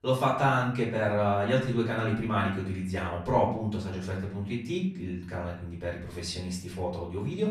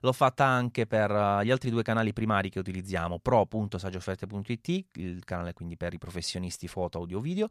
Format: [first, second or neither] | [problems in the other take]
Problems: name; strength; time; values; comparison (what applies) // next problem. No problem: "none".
second | room echo; slight; dies away in 0.5 s // off-mic speech; far